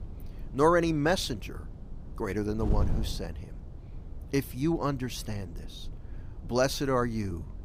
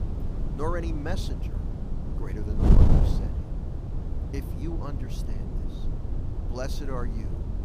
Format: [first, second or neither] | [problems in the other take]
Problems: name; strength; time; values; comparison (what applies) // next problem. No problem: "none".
first | wind noise on the microphone; heavy; 2 dB below the speech; occasional gusts in the first